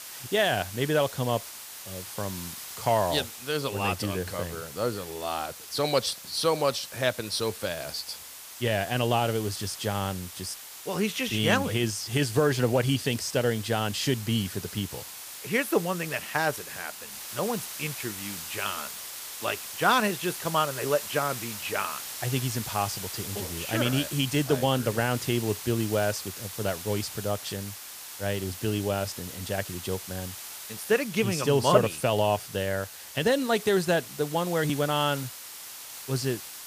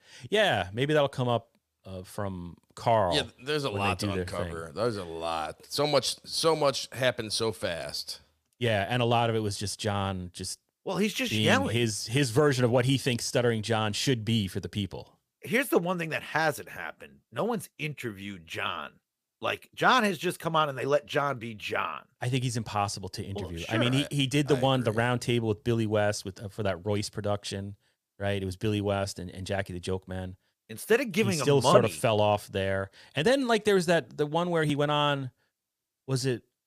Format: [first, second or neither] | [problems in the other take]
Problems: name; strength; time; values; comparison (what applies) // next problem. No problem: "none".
second | hiss; loud; throughout; 10 dB below the speech